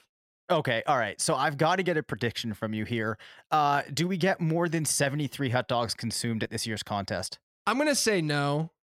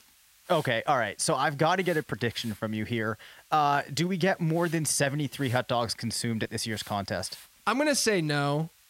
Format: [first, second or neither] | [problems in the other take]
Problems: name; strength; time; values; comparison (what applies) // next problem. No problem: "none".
first | hiss; faint; throughout; 25 dB below the speech